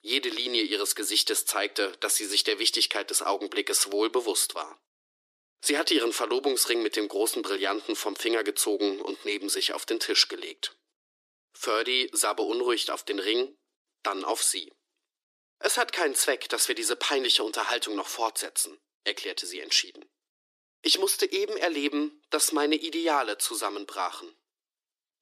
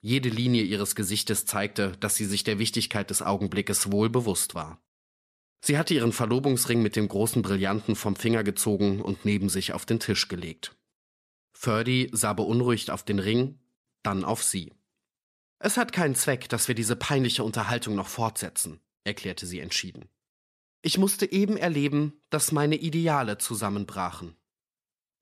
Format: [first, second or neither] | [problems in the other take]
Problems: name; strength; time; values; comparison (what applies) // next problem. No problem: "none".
second | thin; very; fading below 300 Hz